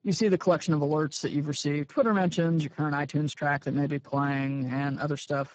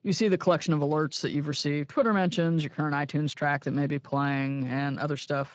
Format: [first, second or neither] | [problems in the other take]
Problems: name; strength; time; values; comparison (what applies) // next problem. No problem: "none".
second | garbled, watery; badly; nothing above 7.5 kHz; slightly in the second